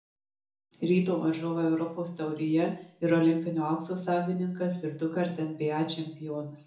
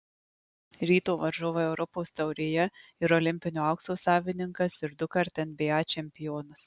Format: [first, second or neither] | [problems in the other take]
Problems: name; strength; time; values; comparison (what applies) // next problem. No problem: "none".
second | room echo; dies away in 0.6 s